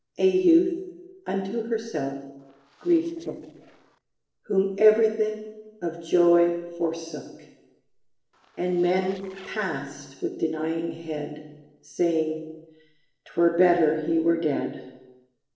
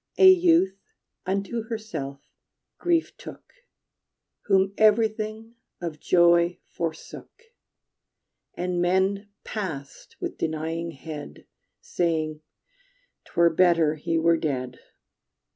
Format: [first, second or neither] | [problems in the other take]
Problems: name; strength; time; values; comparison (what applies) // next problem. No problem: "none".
second | noise reduction (neural separator model SepFormer DNS4)